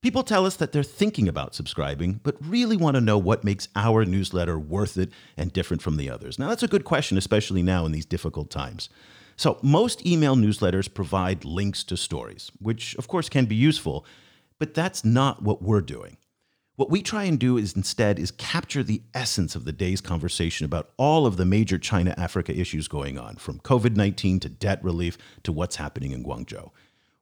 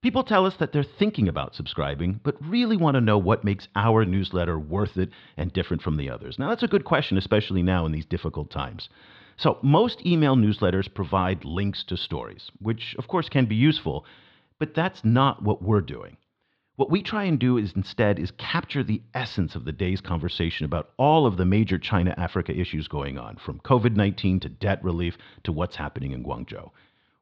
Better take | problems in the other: first | muffled; slightly; fading above 4 kHz

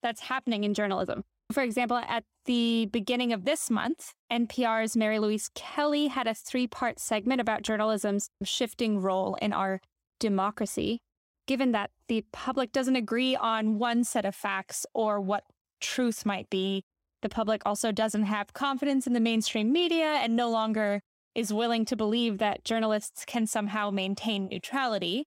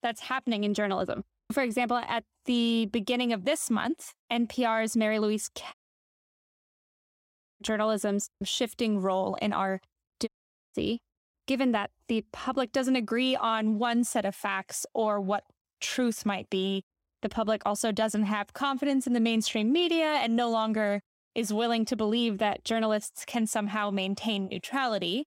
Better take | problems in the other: first | audio cutting out; at 5.5 s for 2 s and at 10 s

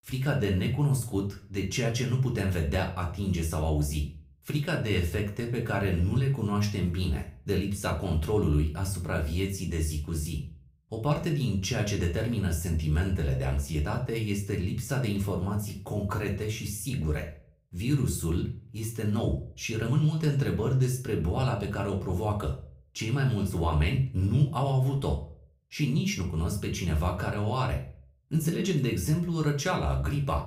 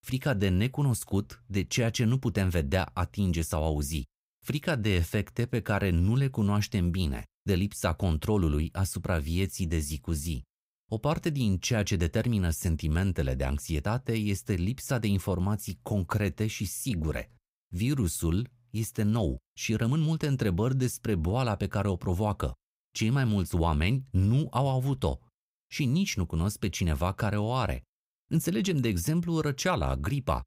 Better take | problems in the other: second | room echo; slight; dies away in 0.3 s // off-mic speech; somewhat distant

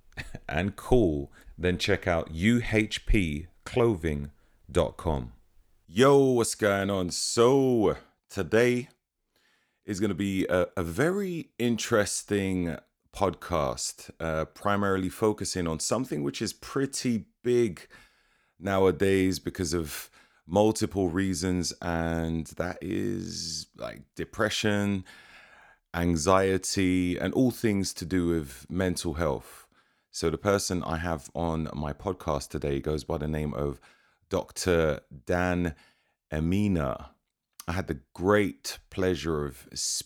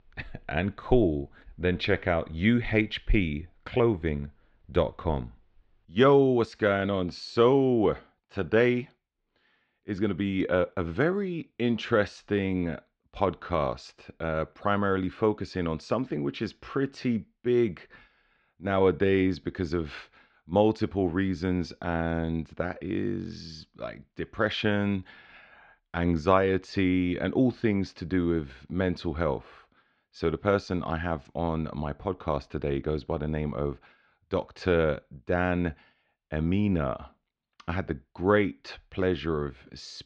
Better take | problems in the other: first | muffled; slightly; fading above 3.5 kHz

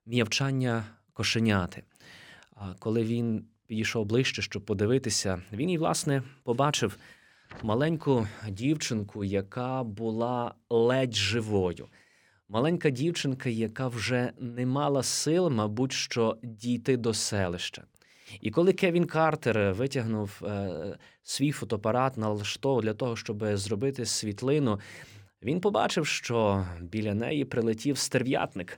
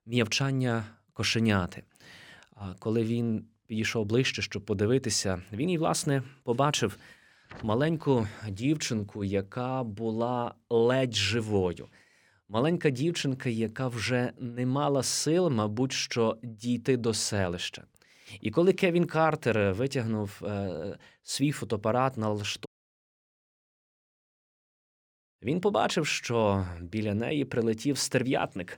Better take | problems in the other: first | audio cutting out; at 23 s for 2.5 s

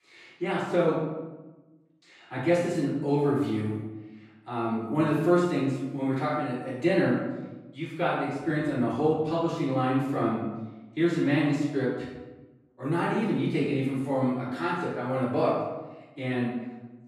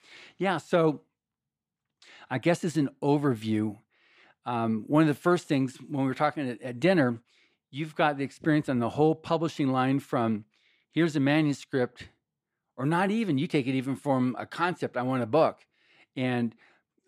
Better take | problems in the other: second | off-mic speech; far // room echo; noticeable; dies away in 0.9 s

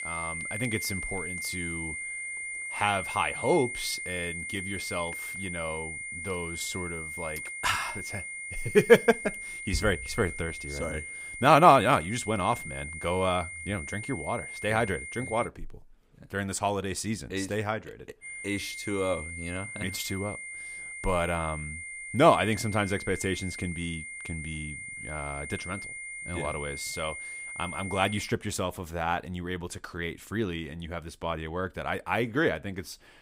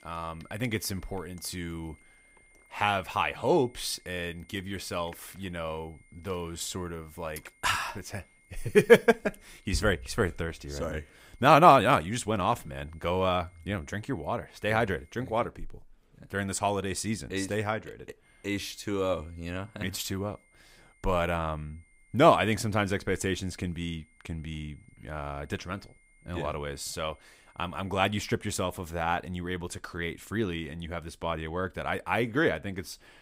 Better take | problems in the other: second | high-pitched whine; loud; until 15 s and from 18 to 28 s; 2 kHz, 7 dB below the speech; faint in the second

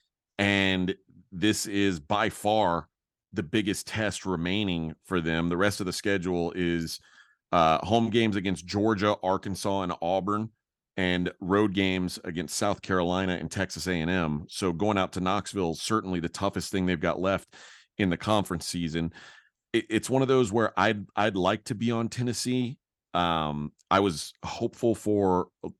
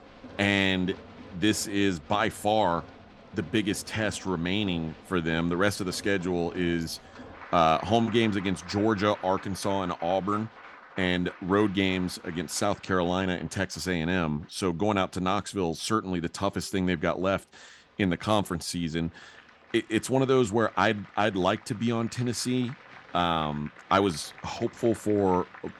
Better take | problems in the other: first | crowd noise; noticeable; throughout; 20 dB below the speech

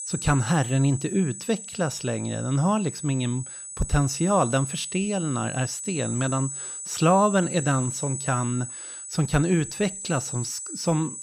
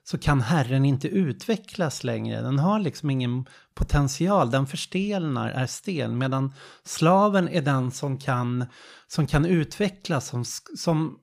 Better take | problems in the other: second | high-pitched whine; loud; throughout; 8 kHz, 8 dB below the speech

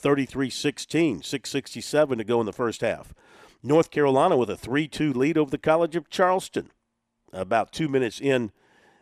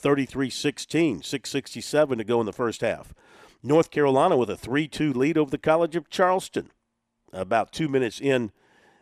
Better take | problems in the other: neither | none

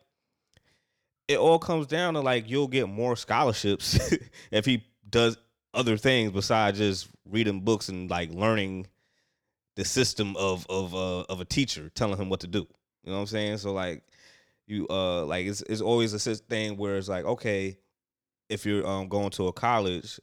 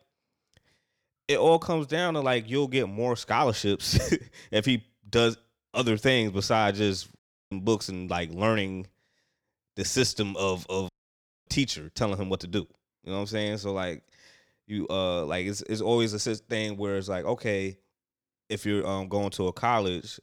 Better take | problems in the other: first | audio cutting out; at 7 s and at 11 s for 0.5 s

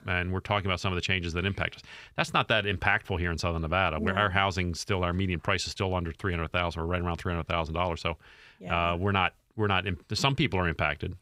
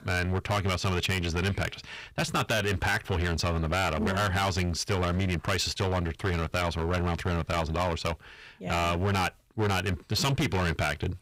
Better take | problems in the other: first | distortion; heavy; 16% of the sound clipped

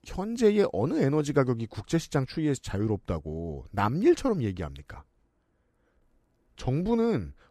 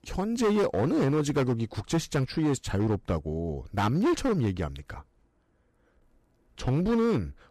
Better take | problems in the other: first | distortion; heavy; 11% of the sound clipped

